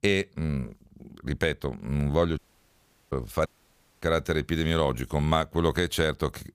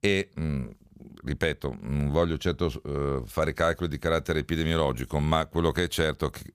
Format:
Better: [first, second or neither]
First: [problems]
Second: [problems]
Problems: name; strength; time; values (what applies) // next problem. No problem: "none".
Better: second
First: audio cutting out; at 2.5 s for 0.5 s and at 3.5 s for 0.5 s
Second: none